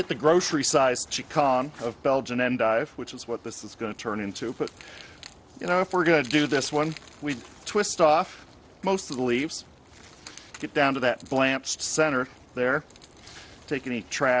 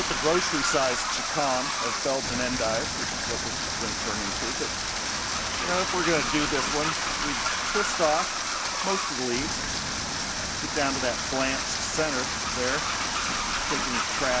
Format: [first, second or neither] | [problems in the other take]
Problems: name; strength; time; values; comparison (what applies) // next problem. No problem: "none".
first | background sound (Water + Train); 2 dB above the speech